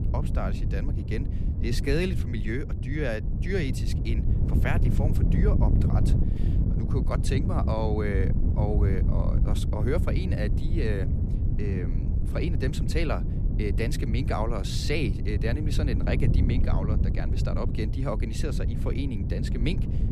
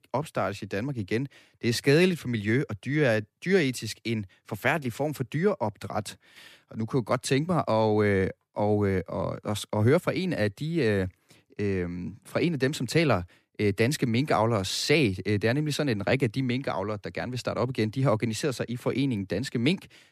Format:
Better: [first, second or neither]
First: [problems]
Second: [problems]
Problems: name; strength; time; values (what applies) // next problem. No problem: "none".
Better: second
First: wind noise on the microphone; heavy; 5 dB below the speech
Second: none